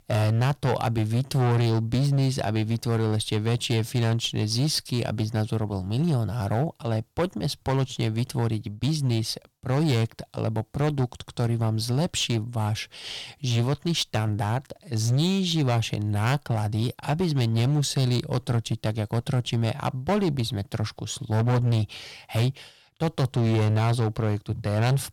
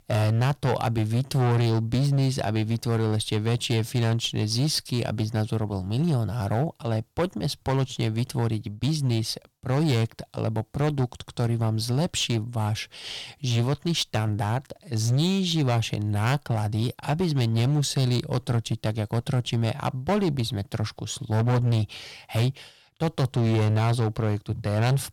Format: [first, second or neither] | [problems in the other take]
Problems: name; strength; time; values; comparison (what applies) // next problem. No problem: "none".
neither | distortion; slight; 10% of the sound clipped; the same in both